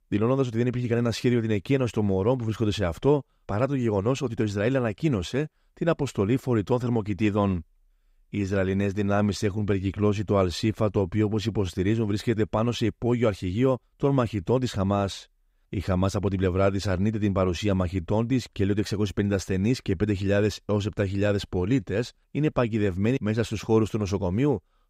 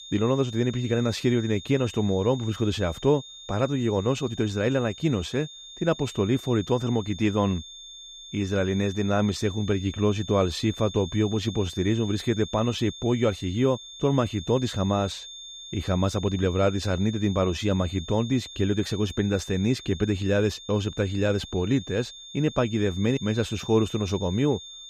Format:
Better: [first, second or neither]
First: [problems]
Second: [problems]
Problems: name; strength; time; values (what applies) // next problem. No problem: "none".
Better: first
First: none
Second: high-pitched whine; noticeable; throughout; 3.5 kHz, 15 dB below the speech